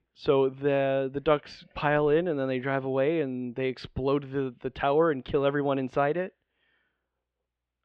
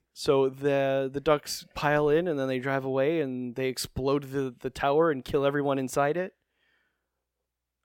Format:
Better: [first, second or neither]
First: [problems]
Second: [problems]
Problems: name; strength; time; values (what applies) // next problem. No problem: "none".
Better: second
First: muffled; slightly; fading above 3.5 kHz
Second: none